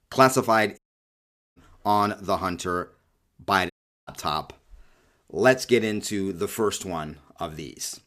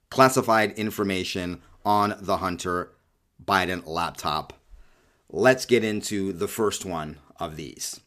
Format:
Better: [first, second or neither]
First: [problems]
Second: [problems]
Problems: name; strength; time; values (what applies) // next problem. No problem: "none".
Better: second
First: audio cutting out; at 1 s for 1 s and at 3.5 s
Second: none